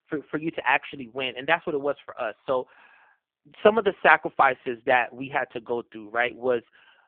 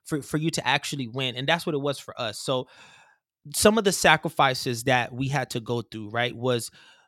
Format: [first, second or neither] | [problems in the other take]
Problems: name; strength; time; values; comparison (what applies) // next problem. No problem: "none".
second | phone-call audio; poor line